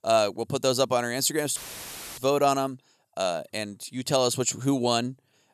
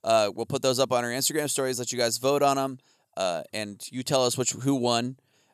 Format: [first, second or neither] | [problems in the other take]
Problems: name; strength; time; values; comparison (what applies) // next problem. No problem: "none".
second | audio cutting out; filled with static; at 1.5 s for 0.5 s